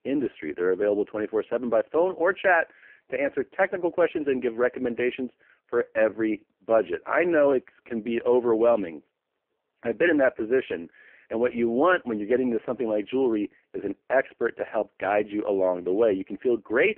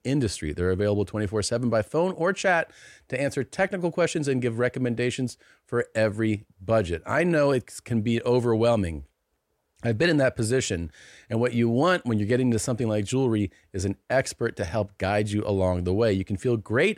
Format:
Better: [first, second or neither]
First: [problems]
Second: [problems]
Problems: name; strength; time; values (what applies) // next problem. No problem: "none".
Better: second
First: phone-call audio; poor line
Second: none